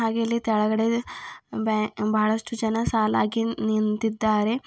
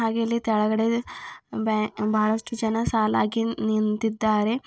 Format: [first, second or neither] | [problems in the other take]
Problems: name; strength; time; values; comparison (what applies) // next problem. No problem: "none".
first | noise reduction (neural separator model SepFormer DNS4)